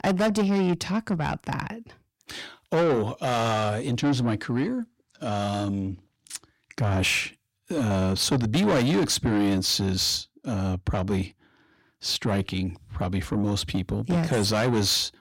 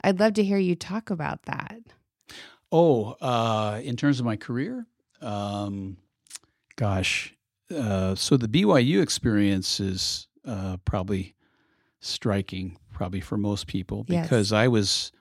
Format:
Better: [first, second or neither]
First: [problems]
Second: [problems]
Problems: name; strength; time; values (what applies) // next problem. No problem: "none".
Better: second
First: distortion; heavy; 6 dB below the speech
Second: none